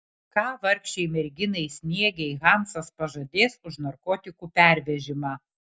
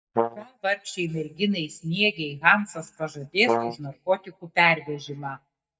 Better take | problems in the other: first | noise reduction (neural mask model DeepFilterNet 3)

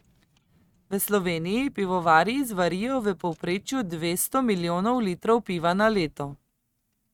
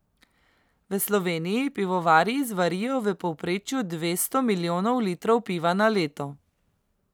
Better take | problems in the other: second | noise reduction (neural mask model RNNoise)

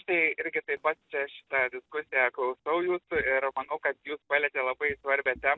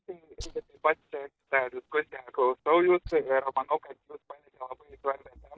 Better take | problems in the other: first | noise reduction (neural mask model DeepFilterNet 3)

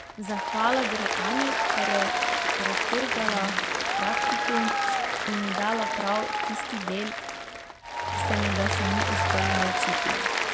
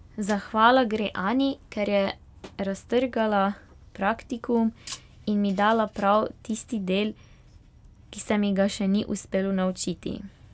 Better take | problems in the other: second | background sound (Applause + Bowed string instrument); 5 dB above the speech

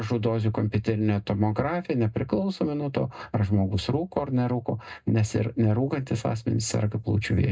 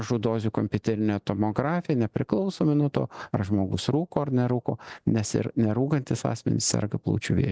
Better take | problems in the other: second | room echo; dies away in 0.2 s

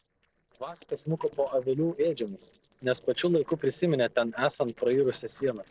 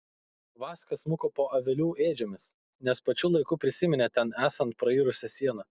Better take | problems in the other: second | noise reduction (neural separator model SepFormer DNS4)

